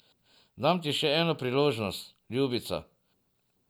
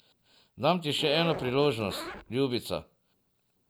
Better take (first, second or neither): first